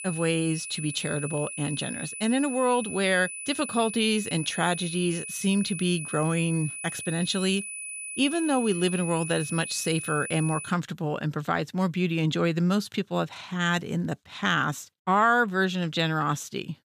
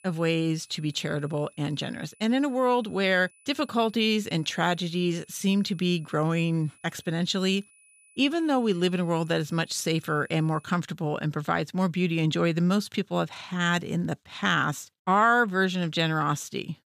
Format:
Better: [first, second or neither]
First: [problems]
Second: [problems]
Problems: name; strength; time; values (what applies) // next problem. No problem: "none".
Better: second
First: high-pitched whine; loud; until 11 s; 2.5 kHz, 7 dB below the speech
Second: high-pitched whine; faint; until 11 s; 2.5 kHz, 30 dB below the speech